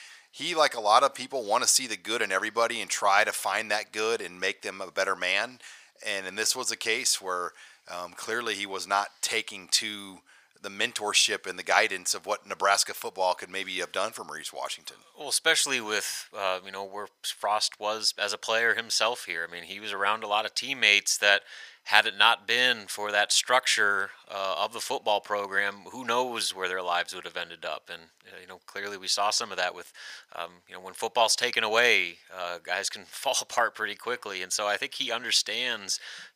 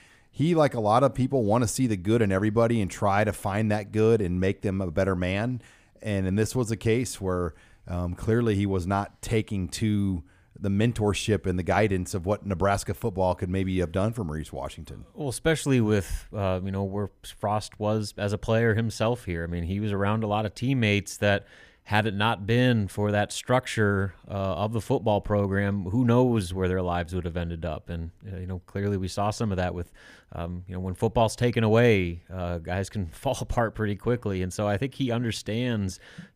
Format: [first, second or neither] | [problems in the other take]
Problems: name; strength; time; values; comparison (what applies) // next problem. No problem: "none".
second | thin; very; fading below 950 Hz